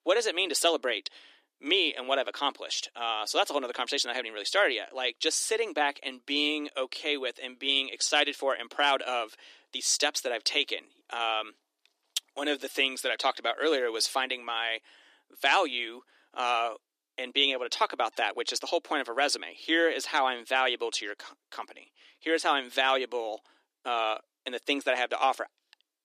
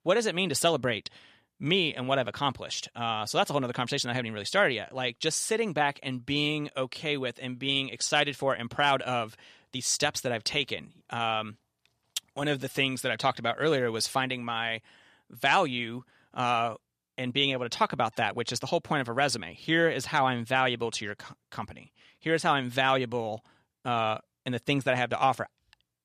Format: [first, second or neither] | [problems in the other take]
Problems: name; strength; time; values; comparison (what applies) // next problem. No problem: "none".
second | thin; somewhat; fading below 300 Hz